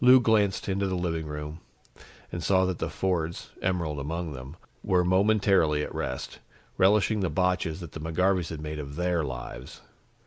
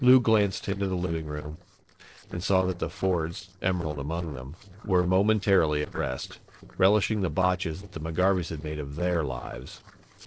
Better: first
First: none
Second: noise reduction (neural separator model SepFormer DNS4)

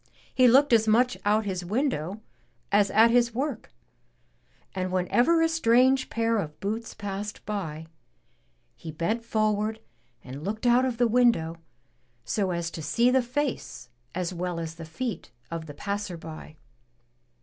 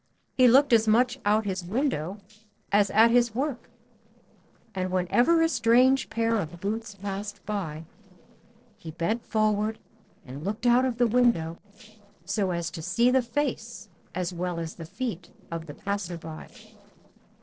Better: first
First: none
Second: noise reduction (neural separator model SepFormer DNS4)

